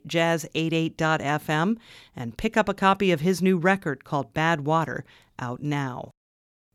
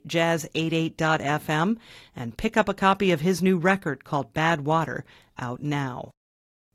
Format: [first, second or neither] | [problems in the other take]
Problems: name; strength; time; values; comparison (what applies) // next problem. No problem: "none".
first | garbled, watery; slightly; nothing above 14 kHz